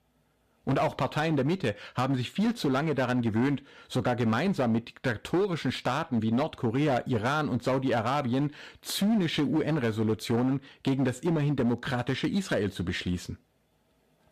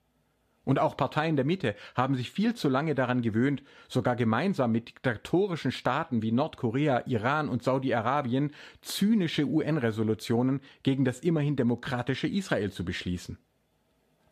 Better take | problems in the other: second | distortion; slight; 11% of the sound clipped

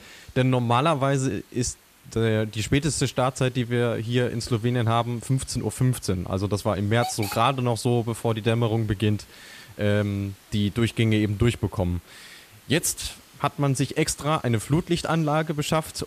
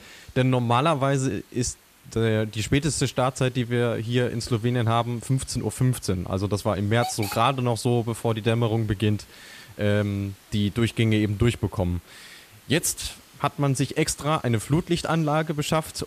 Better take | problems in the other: neither | hiss; faint; throughout; 20 dB below the speech; the same in both

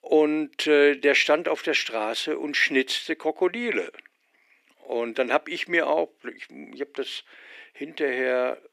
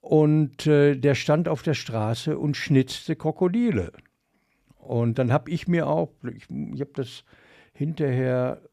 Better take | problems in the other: second | thin; somewhat; fading below 300 Hz

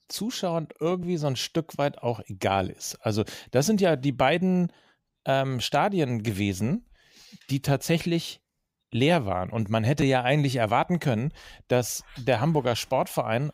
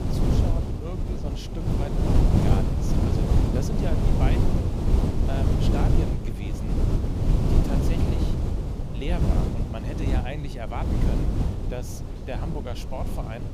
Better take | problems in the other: first | wind noise on the microphone; heavy; 4 dB above the speech

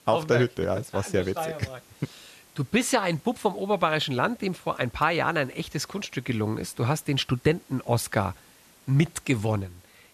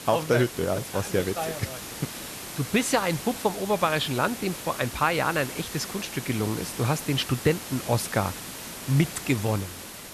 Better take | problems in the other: first | hiss; loud; throughout; 9 dB below the speech; faint in the first

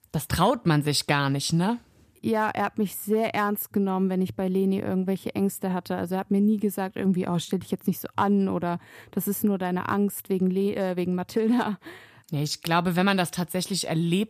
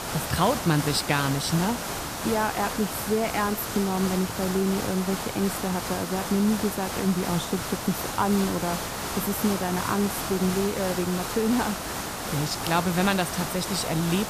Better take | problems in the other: first | hiss; loud; throughout; 4 dB below the speech

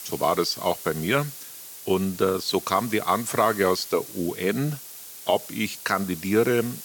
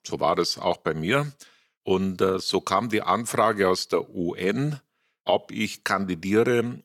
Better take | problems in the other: second | hiss; noticeable; throughout; 10 dB below the speech

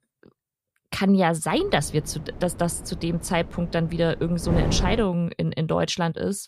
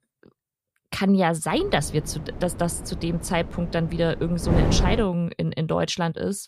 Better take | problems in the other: first | wind noise on the microphone; heavy; from 1.5 to 5 s; 9 dB below the speech; occasional gusts in the first

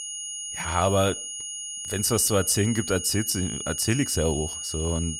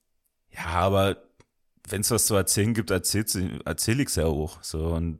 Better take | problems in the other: second | high-pitched whine; loud; throughout; 6.5 kHz, 7 dB below the speech

